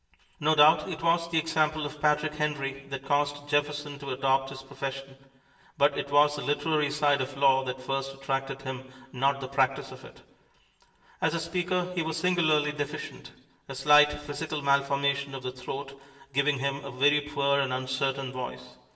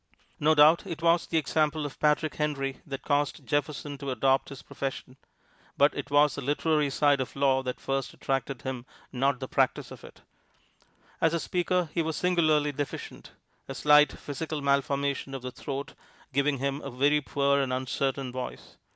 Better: second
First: room echo; dies away in 0.9 s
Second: none

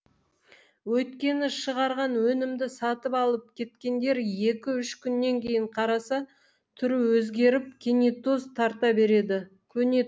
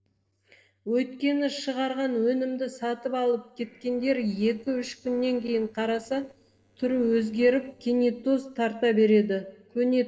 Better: first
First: none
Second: noise reduction (neural separator model SepFormer DNS4)

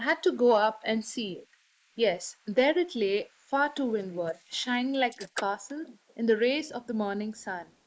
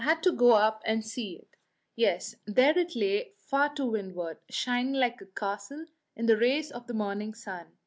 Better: second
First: noise reduction (neural mask model Resemble Enhance denoiser)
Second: none

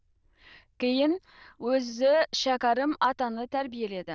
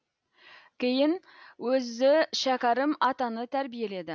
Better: second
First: noise reduction (neural diffusion model UNIVERSE++)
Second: none

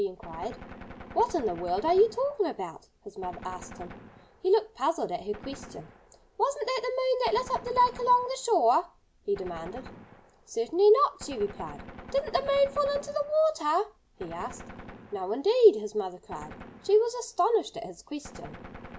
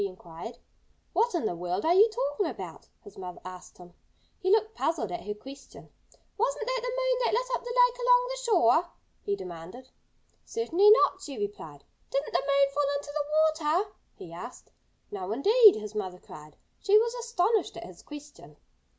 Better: second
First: background sound (Gunshot, gunfire); 18 dB below the speech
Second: none

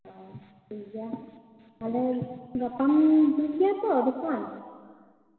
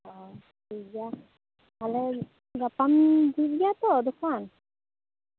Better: second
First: room echo; dies away in 2.1 s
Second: none

